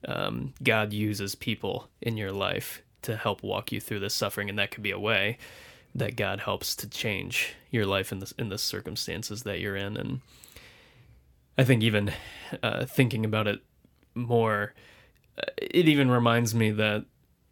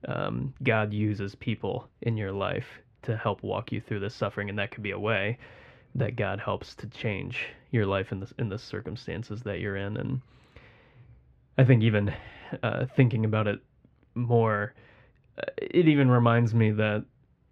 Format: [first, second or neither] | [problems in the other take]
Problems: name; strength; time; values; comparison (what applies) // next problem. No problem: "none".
first | muffled; very; fading above 2 kHz